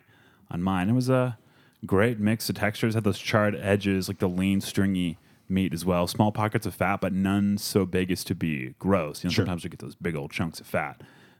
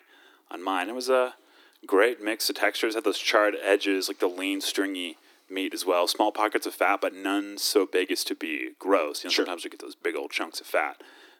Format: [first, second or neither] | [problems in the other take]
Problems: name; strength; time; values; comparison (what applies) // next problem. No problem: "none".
first | thin; somewhat; fading below 300 Hz